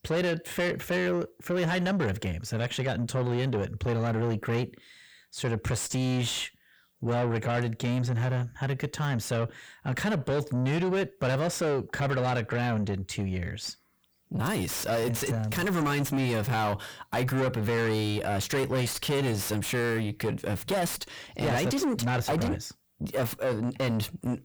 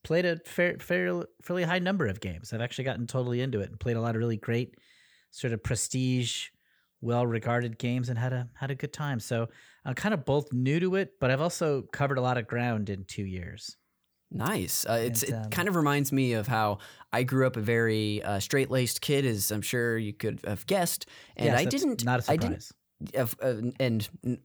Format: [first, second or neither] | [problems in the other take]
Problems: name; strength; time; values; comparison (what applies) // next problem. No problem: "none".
second | distortion; heavy; 7 dB below the speech